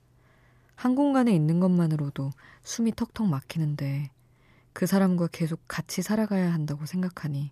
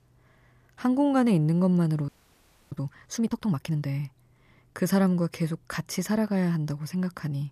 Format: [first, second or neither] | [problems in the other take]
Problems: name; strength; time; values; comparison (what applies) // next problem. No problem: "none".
first | audio freezing; at 2 s for 0.5 s